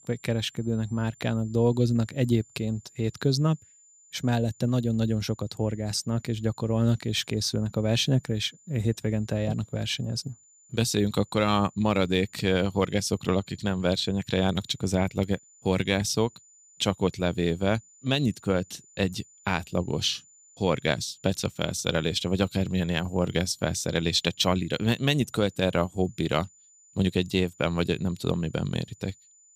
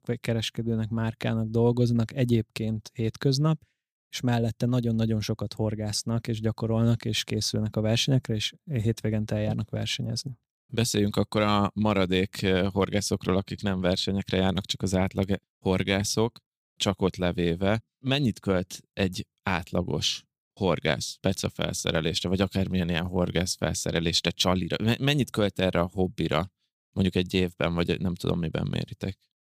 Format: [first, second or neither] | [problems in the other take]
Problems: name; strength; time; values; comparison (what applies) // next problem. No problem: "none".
second | high-pitched whine; faint; throughout; 7 kHz, 25 dB below the speech